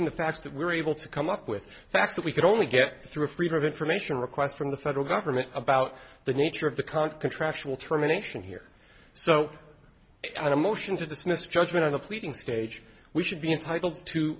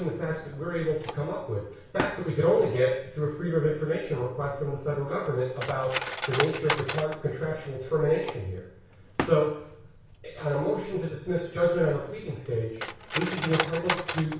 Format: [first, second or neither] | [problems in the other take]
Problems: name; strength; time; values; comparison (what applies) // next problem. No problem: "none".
first | background sound (Cutlery, silverware); 9 dB below the speech // room echo; dies away in 0.6 s